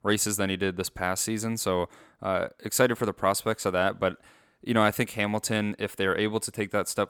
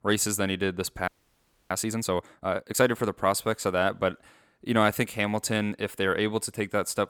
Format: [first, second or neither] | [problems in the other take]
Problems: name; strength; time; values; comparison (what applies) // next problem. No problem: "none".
first | audio freezing; at 1 s for 0.5 s